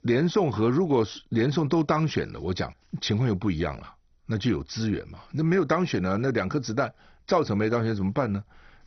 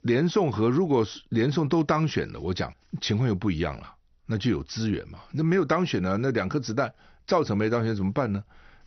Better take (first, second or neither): second